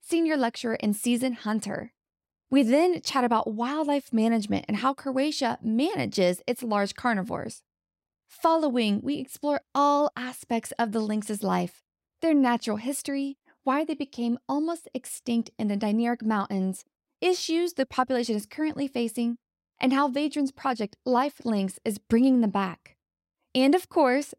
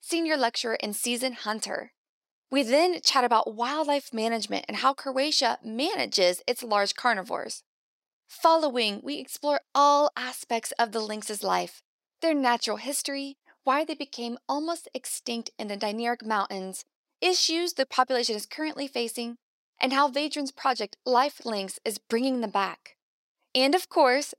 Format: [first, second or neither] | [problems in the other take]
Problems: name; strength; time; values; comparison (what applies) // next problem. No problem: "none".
first | thin; somewhat; fading below 450 Hz